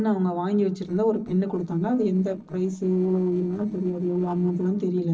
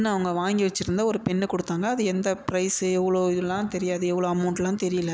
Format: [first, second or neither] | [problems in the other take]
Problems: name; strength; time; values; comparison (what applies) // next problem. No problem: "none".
second | noise reduction (neural separator model SepFormer DNS4)